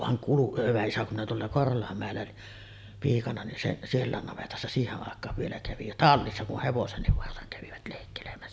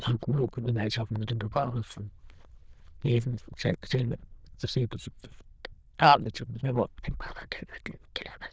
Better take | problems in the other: first | noise reduction (neural diffusion model UNIVERSE++)

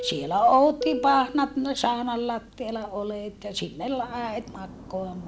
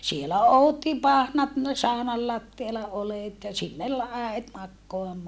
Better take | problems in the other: second | background sound (Fixed-wing aircraft, airplane); 13 dB below the speech

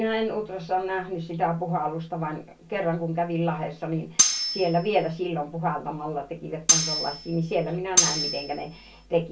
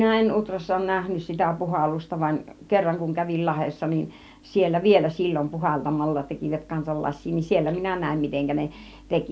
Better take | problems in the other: second | background sound (Cutlery, silverware); 2 dB above the speech // room echo; dies away in 0.2 s

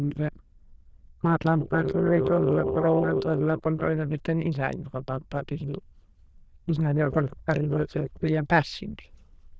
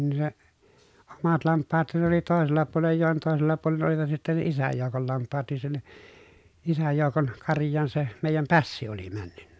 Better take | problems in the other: second | noise reduction (neural diffusion model UNIVERSE++)

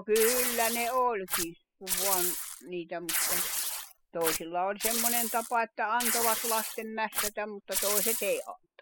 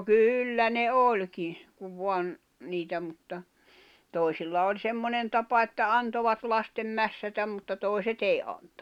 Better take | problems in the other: second | noise reduction (classical method spectral subtraction)

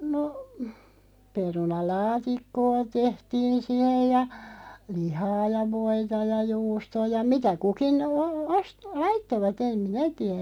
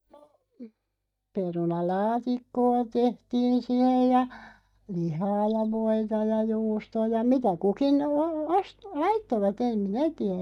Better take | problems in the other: first | noise reduction (neural mask model DeepFilterNet 3)

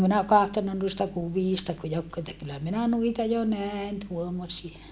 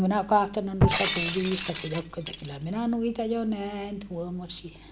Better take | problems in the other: first | background sound (Shatter); 2 dB below the speech

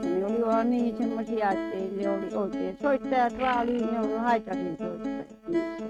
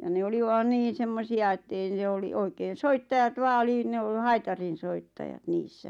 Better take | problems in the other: second | noise reduction (neural mask model RNNoise)

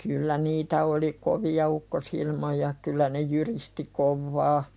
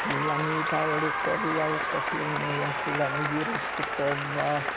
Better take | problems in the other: first | background sound (Applause); 1 dB above the speech

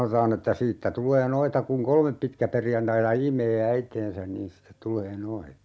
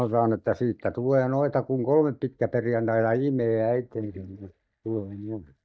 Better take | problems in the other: first | noise reduction (neural mask model DeepFilterNet 3)

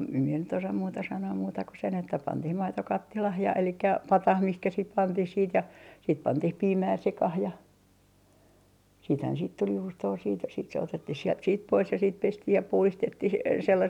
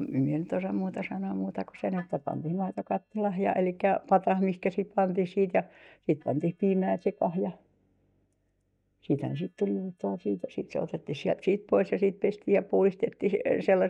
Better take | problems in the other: first | noise reduction (neural mask model DeepFilterNet 3)

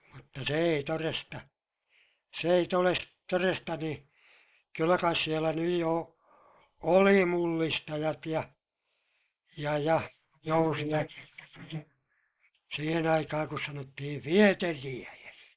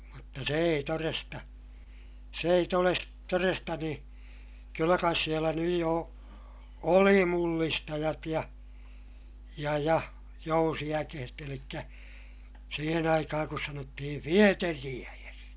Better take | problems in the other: second | noise reduction (neural mask model Resemble Enhance denoiser)

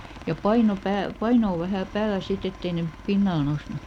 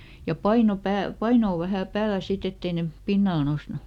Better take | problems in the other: second | background sound (Aircraft); 19 dB below the speech

